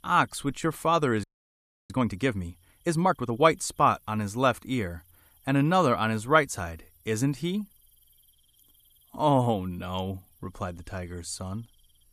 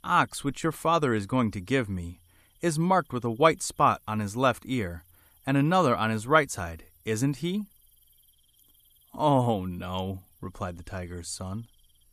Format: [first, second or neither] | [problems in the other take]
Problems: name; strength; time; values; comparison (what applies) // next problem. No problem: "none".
second | audio freezing; at 1 s for 0.5 s